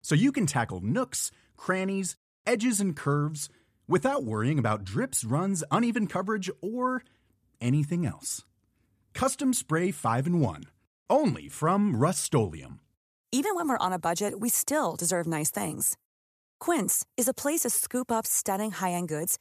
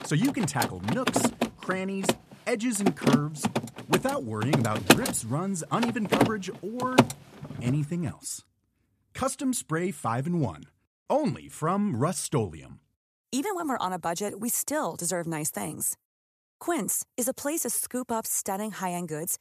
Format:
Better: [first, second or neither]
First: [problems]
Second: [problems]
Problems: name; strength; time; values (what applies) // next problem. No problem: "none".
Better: first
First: none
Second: machinery noise; very loud; until 8 s; 2 dB above the speech